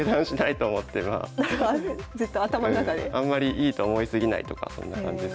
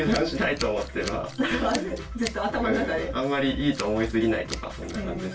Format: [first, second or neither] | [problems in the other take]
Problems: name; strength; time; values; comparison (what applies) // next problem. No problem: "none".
first | background sound (Scissors); 16 dB below the speech // room echo; dies away in 0.1 s